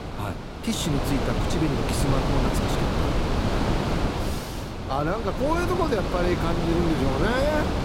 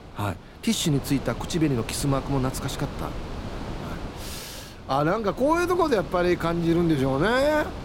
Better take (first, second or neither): second